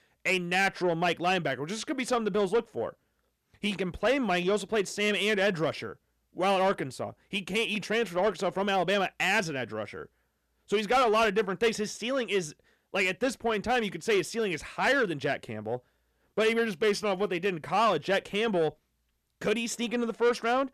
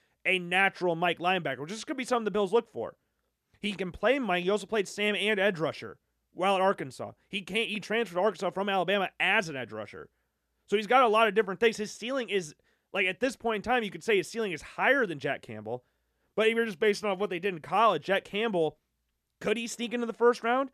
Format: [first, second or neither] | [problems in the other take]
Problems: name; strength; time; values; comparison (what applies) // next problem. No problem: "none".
second | distortion; slight; 10 dB below the speech